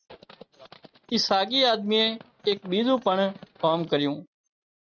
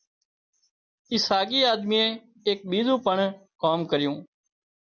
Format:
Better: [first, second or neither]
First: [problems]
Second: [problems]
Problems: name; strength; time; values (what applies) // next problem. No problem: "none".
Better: second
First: noise reduction (neural mask model RNNoise)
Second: none